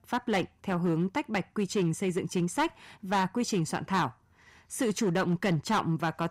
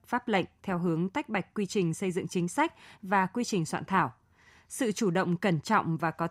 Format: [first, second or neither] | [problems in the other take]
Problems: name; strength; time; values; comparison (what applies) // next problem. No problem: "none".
second | distortion; slight; 6% of the sound clipped